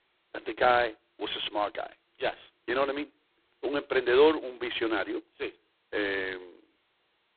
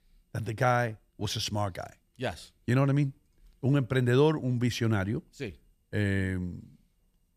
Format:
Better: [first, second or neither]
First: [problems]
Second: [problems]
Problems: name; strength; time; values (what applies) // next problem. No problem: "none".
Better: second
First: phone-call audio; poor line; nothing above 4 kHz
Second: none